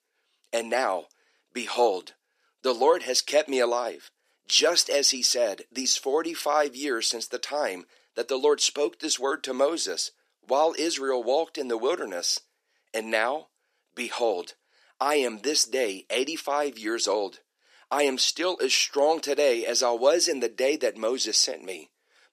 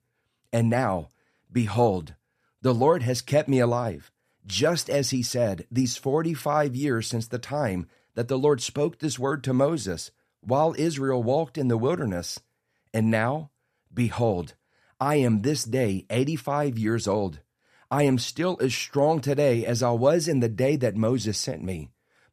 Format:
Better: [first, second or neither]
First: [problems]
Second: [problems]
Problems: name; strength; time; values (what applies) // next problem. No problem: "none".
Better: second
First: thin; somewhat; fading below 350 Hz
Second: none